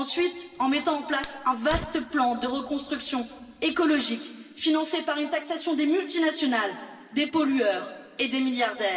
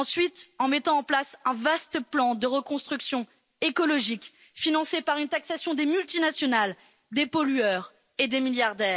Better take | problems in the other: second | background sound (Fire); 16 dB below the speech // room echo; dies away in 2.1 s

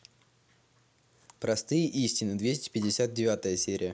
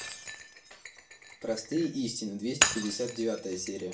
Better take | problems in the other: first | background sound (Shatter); 1 dB below the speech // room echo; dies away in 0.3 s

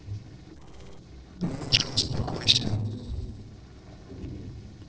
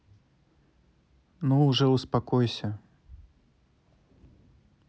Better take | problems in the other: second | noise reduction (neural separator model SepFormer DNS4)

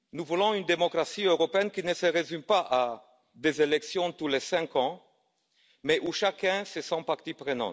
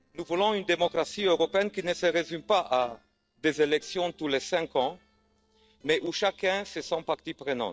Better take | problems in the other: first | noise reduction (neural separator model SepFormer DNS4)

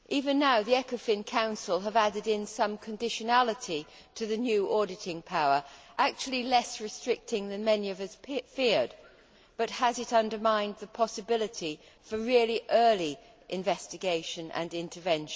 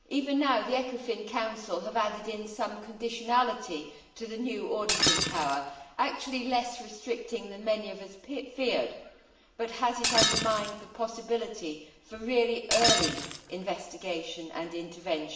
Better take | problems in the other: first | background sound (Shatter); 1 dB below the speech // room echo; dies away in 0.8 s

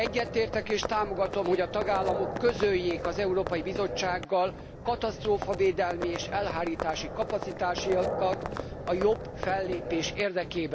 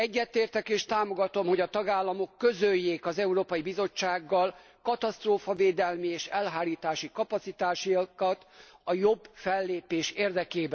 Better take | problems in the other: second | background sound (Livestock, farm animals, working animals); 6 dB below the speech

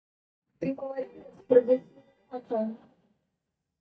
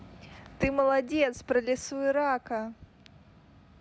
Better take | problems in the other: second | noise reduction (neural mask model DeepFilterNet 3)

